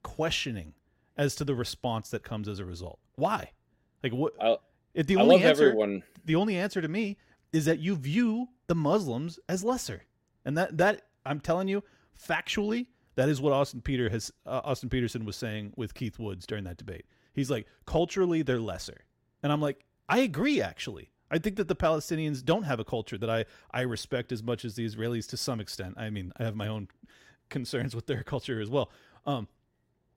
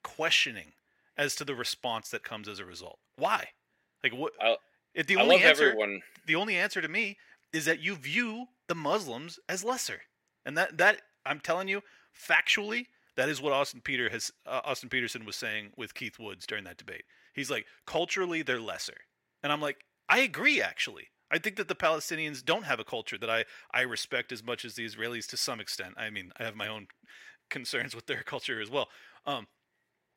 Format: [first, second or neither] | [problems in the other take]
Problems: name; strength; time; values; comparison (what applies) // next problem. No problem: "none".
first | thin; somewhat; fading below 950 Hz